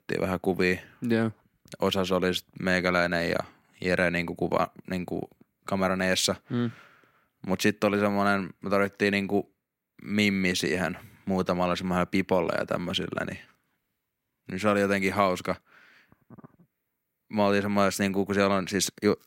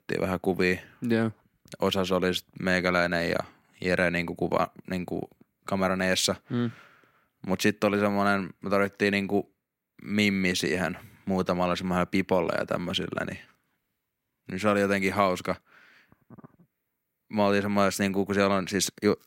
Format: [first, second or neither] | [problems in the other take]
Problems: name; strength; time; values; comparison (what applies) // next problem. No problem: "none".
neither | none